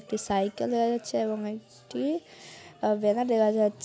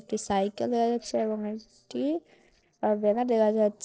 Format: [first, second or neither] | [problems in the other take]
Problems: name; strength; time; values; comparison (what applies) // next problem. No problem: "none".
first | noise reduction (neural separator model SepFormer DNS4)